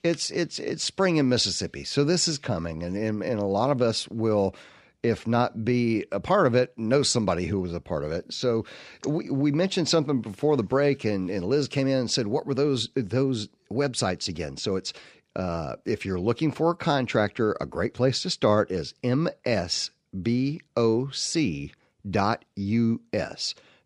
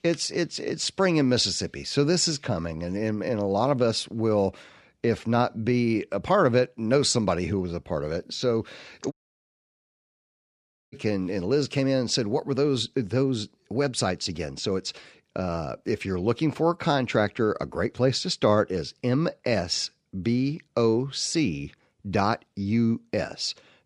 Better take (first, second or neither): first